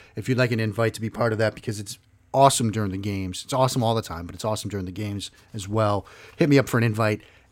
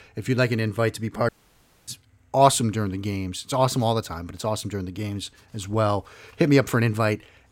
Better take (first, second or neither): first